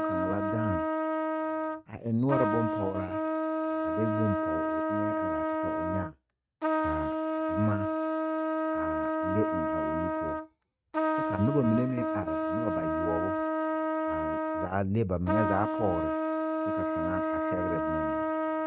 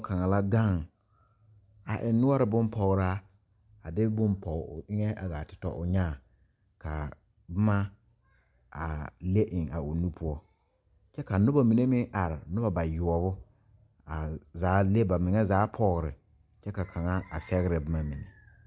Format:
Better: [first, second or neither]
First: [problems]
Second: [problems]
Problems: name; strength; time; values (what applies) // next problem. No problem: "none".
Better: second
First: noise reduction (neural mask model RNNoise)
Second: none